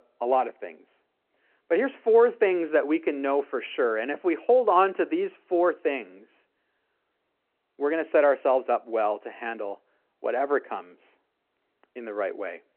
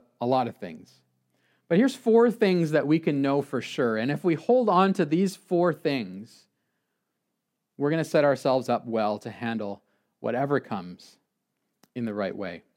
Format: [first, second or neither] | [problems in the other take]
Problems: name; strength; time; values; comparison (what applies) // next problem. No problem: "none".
second | phone-call audio